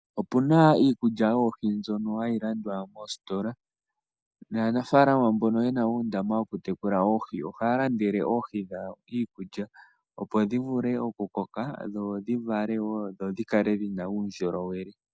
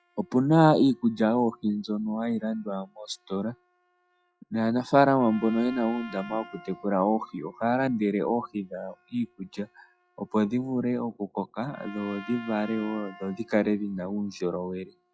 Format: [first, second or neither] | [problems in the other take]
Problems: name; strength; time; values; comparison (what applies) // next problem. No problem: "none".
first | noise reduction (classical method log-MMSE)